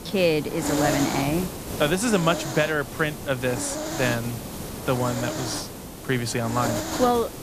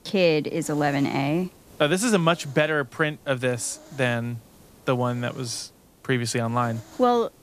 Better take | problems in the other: second | hiss; loud; throughout; 5 dB below the speech; faint in the second

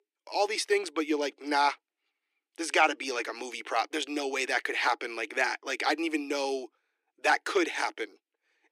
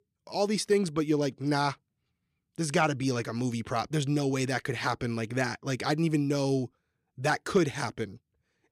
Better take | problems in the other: second | thin; very; fading below 300 Hz

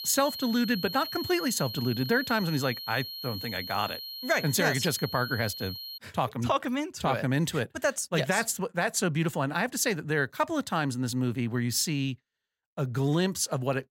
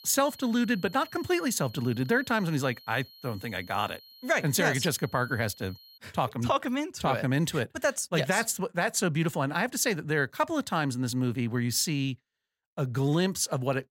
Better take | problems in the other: second | high-pitched whine; loud; until 6 s; 4 kHz, 8 dB below the speech; faint in the second

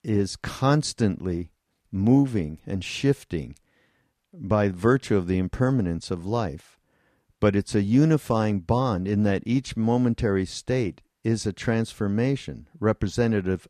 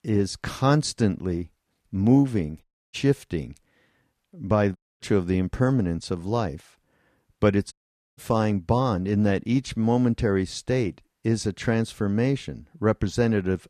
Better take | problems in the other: first | audio cutting out; at 2.5 s, at 5 s and at 7.5 s

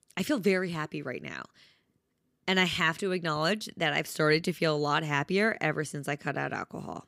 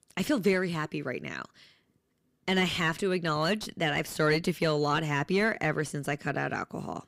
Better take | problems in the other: first | distortion; slight; 10 dB below the speech

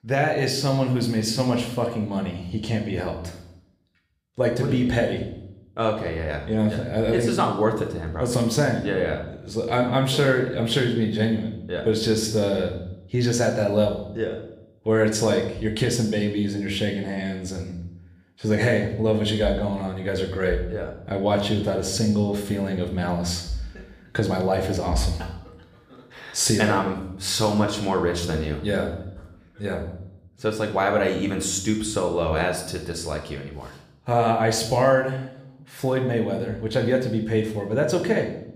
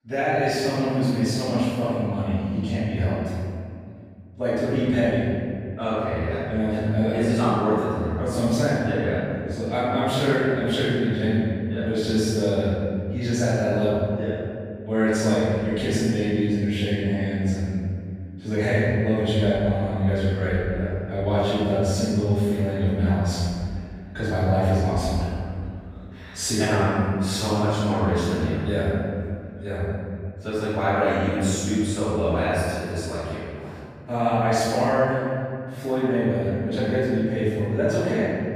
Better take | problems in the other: first | room echo; strong; dies away in 2.2 s; slight in the first // off-mic speech; far; somewhat distant in the first

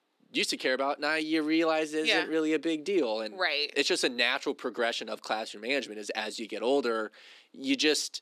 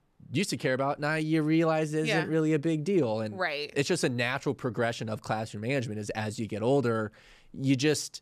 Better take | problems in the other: second | thin; very slightly; fading below 250 Hz

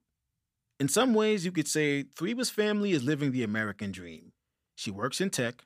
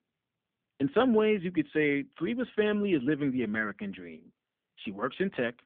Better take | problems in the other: first | phone-call audio; nothing above 3.5 kHz

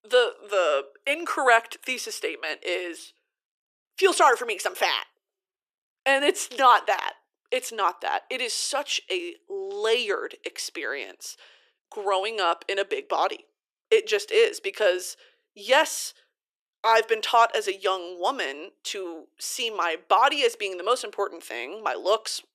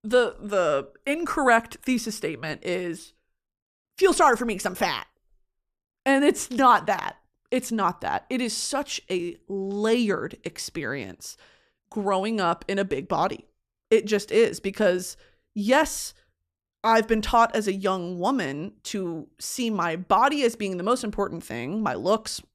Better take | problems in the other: second | thin; very; fading below 350 Hz

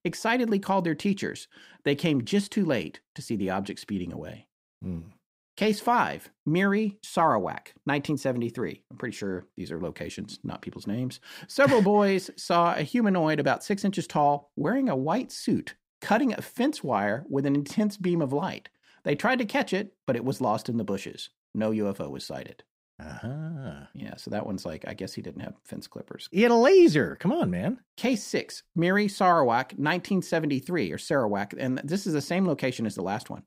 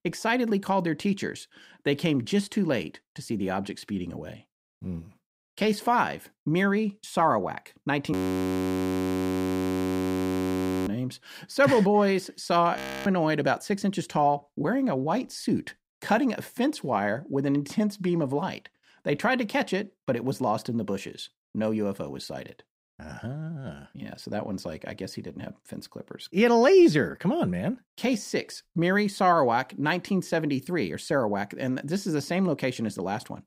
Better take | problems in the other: first | audio freezing; at 8 s for 2.5 s and at 13 s

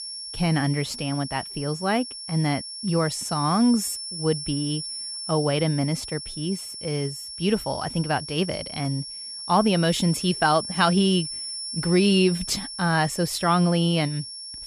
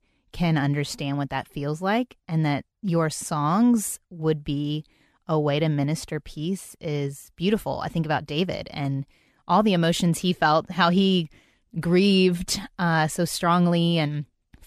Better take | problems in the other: second | high-pitched whine; loud; throughout; 5.5 kHz, 8 dB below the speech

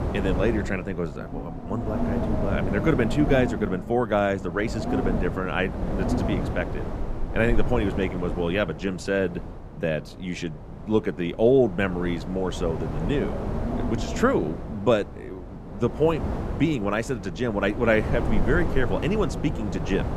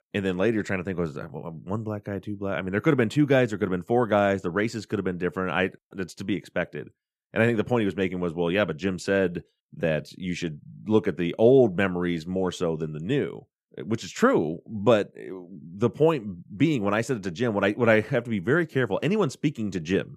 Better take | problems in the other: second | wind noise on the microphone; heavy; 8 dB below the speech

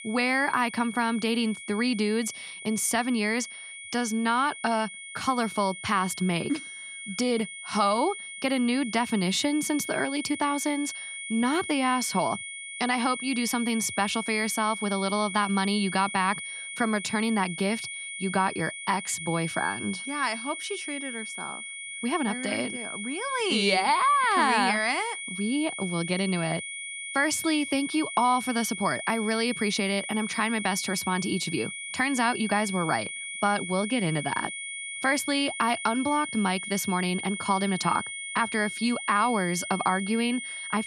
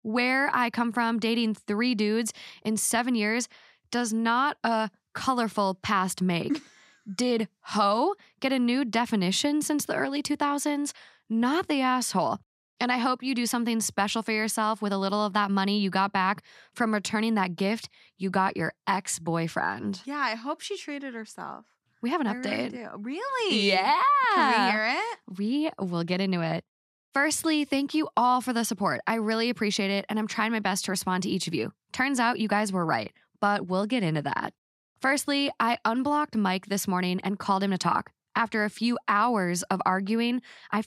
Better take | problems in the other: second | high-pitched whine; loud; throughout; 2 kHz, 8 dB below the speech

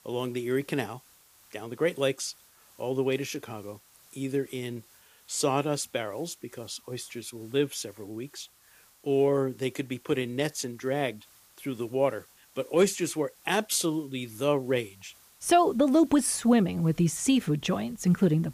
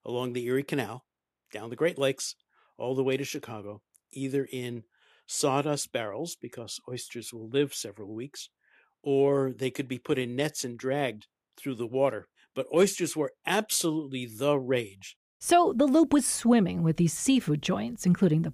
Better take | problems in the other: second | hiss; faint; throughout; 25 dB below the speech

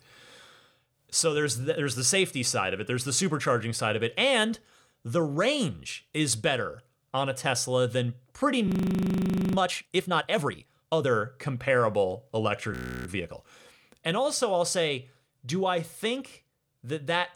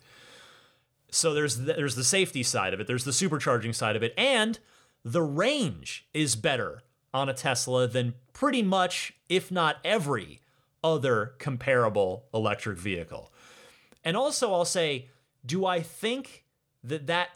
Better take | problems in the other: second | audio freezing; at 8.5 s for 1 s and at 13 s

